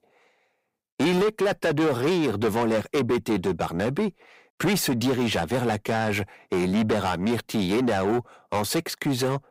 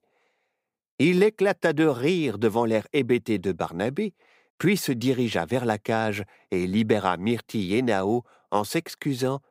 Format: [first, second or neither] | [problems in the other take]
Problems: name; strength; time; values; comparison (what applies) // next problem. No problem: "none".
second | distortion; heavy; 7 dB below the speech